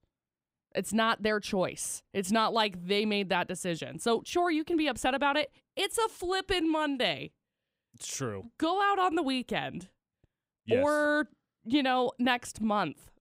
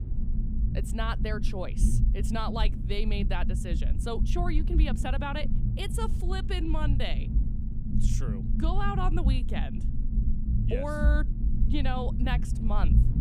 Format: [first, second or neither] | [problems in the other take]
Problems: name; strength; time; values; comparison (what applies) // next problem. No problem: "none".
first | low rumble; loud; throughout; 8 dB below the speech